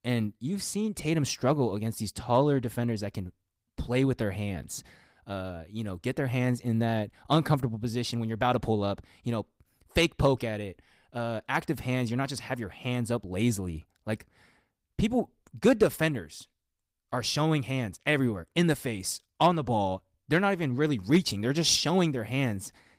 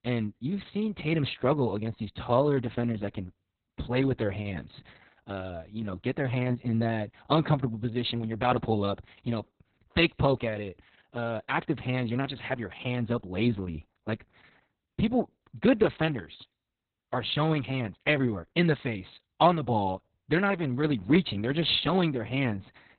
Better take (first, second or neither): first